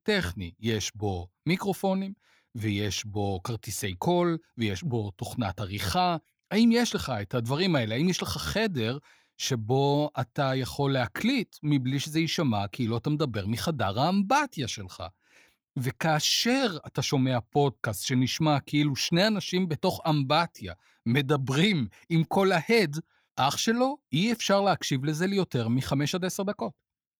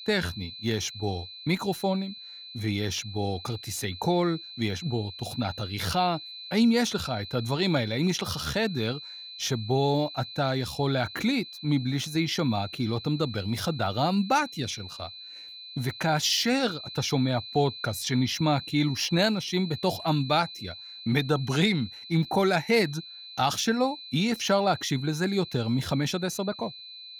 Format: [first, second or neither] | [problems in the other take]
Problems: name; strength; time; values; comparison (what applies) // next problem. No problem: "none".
first | high-pitched whine; noticeable; throughout; 4 kHz, 10 dB below the speech